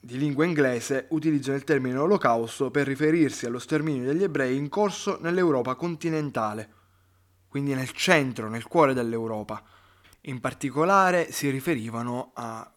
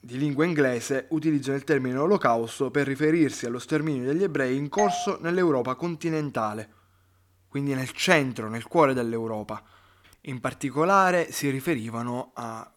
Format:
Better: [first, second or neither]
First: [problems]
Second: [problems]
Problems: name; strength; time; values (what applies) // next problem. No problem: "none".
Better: first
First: none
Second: doorbell; noticeable; at 5 s; peak 3 dB below the speech